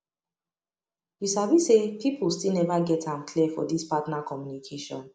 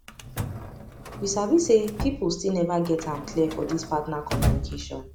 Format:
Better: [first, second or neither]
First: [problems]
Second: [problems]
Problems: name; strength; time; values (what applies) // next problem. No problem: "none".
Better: first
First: none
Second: background sound (Drawer open or close); 6 dB below the speech